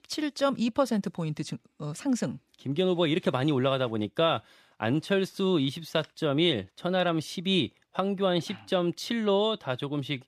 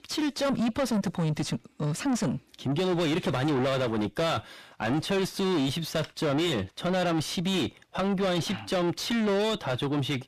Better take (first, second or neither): first